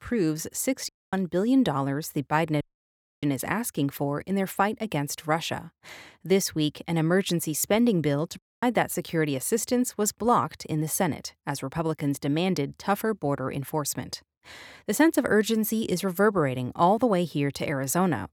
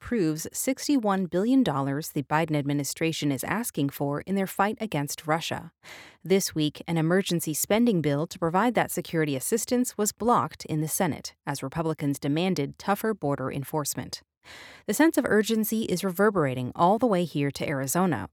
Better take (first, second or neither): second